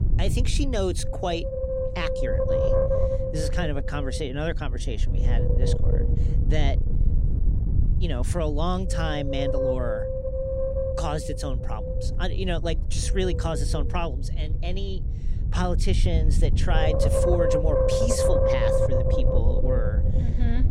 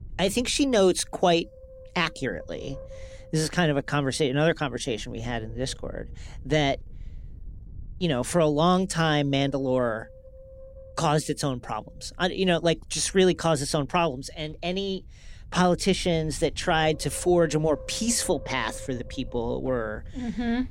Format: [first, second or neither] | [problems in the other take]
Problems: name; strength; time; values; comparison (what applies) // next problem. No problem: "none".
second | wind noise on the microphone; heavy; 3 dB above the speech; occasional gusts in the second